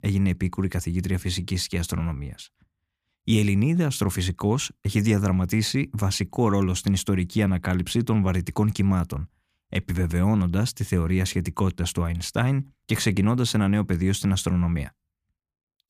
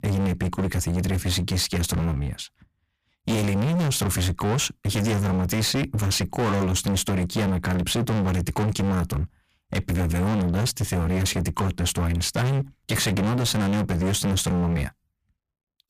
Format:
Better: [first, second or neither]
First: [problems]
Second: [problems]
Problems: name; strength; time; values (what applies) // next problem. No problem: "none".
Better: first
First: none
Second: distortion; heavy; 35% of the sound clipped